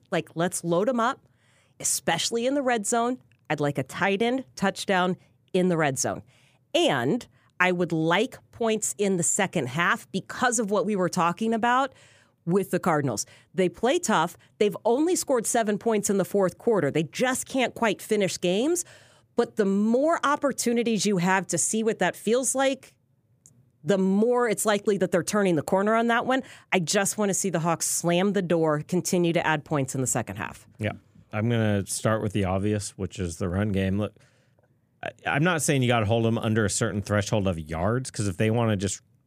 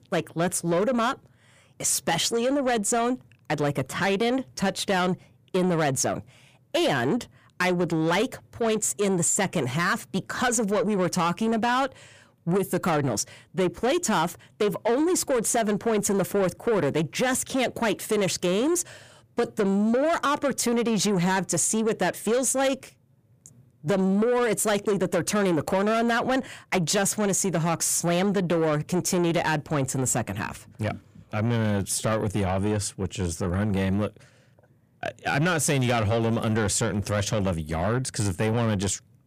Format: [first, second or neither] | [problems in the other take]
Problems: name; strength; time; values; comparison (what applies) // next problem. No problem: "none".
first | distortion; slight; 10 dB below the speech